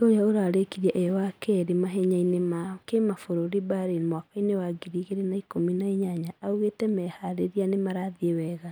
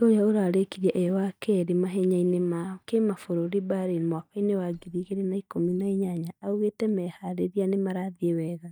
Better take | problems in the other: first | noise reduction (neural mask model DeepFilterNet 3)

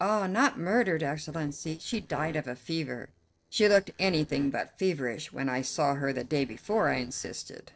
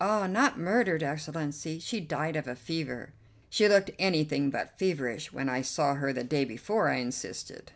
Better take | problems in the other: second | noise reduction (neural separator model SepFormer DNS4)

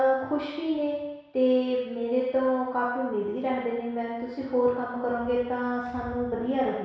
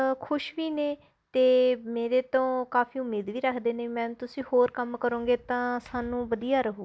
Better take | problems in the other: second | room echo; dies away in 1.1 s

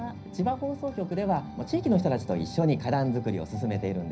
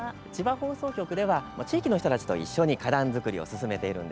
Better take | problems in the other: second | room echo; dies away in 0.5 s

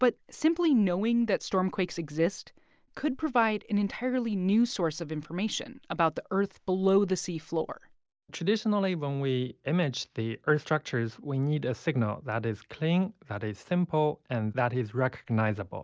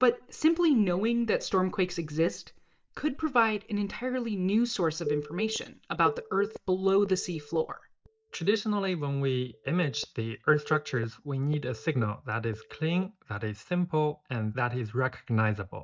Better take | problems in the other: first | noise reduction (neural mask model DeepFilterNet 3)

